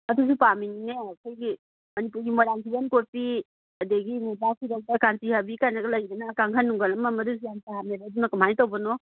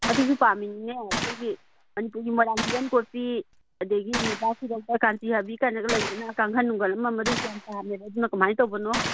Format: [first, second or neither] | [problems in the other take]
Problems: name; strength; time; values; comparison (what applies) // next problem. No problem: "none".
first | background sound (Gunshot, gunfire); 8 dB below the speech